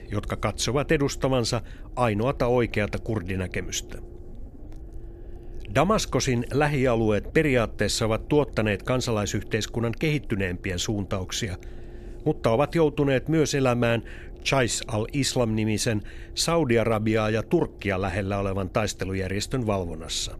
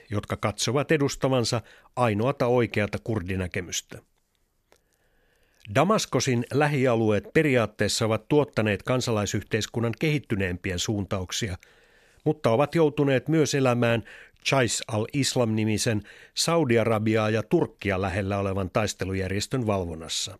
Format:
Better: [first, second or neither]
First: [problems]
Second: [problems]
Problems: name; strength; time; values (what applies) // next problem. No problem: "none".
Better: second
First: low rumble; faint; throughout; 25 dB below the speech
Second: none